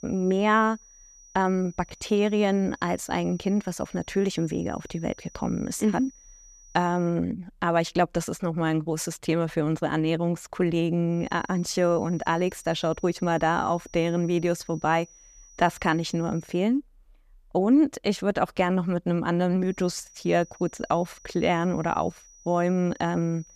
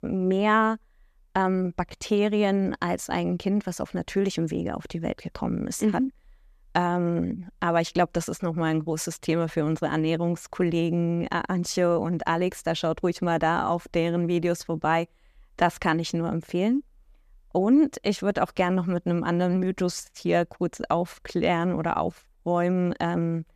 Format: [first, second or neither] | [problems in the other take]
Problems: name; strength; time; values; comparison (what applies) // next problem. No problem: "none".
second | high-pitched whine; faint; until 7 s, from 11 to 17 s and from 20 s on; 6 kHz, 25 dB below the speech